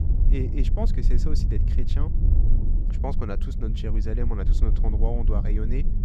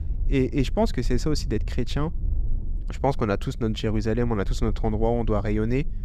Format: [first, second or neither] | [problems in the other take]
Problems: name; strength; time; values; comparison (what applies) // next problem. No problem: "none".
second | low rumble; loud; throughout; 5 dB below the speech; faint in the second